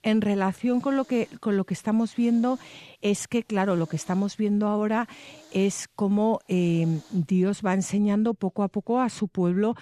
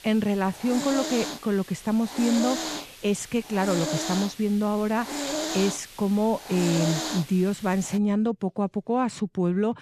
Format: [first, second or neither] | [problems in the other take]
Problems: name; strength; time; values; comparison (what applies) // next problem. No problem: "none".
first | hiss; loud; until 8 s; 5 dB below the speech; faint in the first